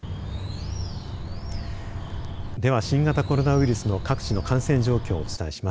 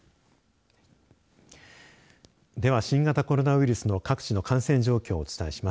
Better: second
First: background sound (Bird); 5 dB below the speech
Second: none

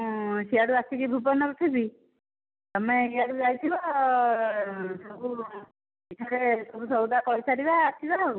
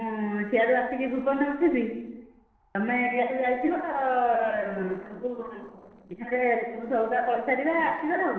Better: first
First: none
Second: noise reduction (neural separator model SepFormer DNS4)

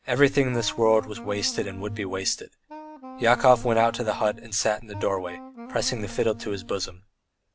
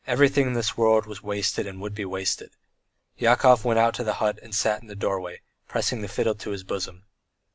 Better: second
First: background sound (Wind instrument, woodwind instrument); 16 dB below the speech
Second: none

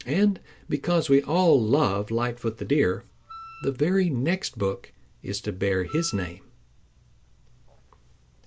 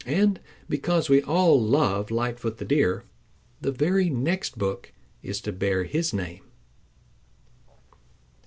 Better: second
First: background sound (Wind instrument, woodwind instrument); 18 dB below the speech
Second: none

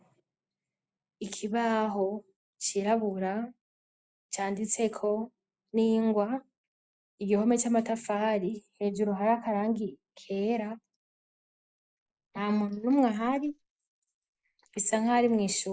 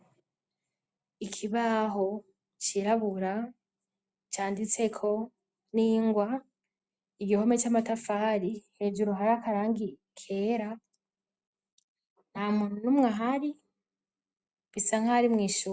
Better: second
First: noise reduction (neural mask model Resemble Enhance denoiser)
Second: none

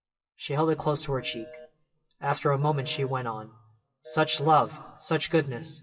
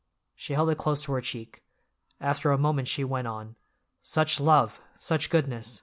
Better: second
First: noise reduction (classical method WPE with log-MMSE)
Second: none

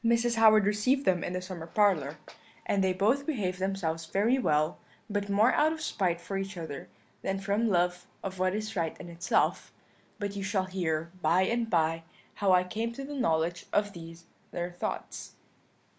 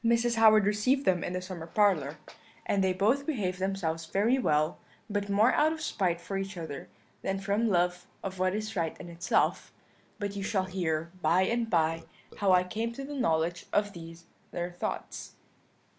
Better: first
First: none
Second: background sound (Burping, eructation); 19 dB below the speech

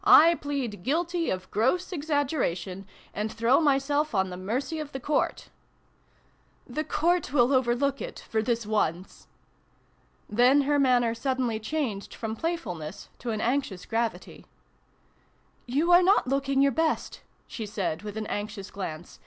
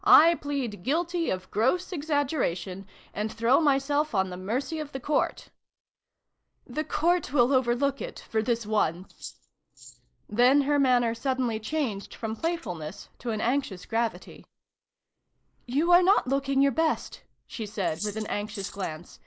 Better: first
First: none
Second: noise reduction (neural mask model Resemble Enhance denoiser)

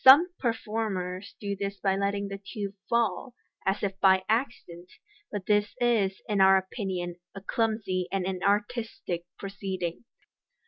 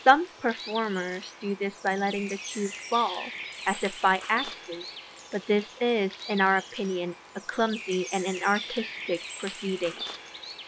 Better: first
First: none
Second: background sound (Bird); 12 dB below the speech

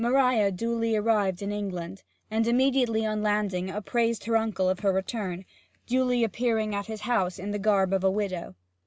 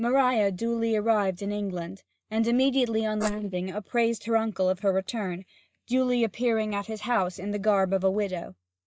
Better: first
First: none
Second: noise reduction (neural mask model DeepFilterNet 3)

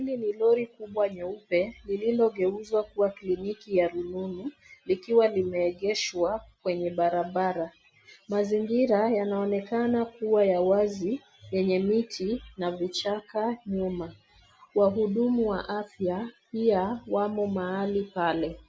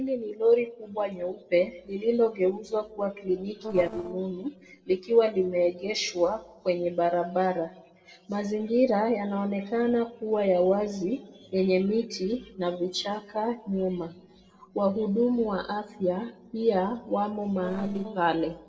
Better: first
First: none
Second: noise reduction (neural separator model SepFormer DNS4)

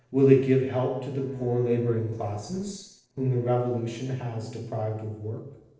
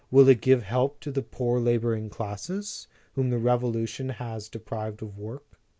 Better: second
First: noise reduction (neural separator model SepFormer DNS4)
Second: none

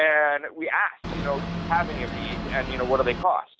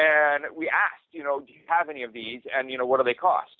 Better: second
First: background sound (Boat, Water vehicle); 5 dB below the speech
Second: none

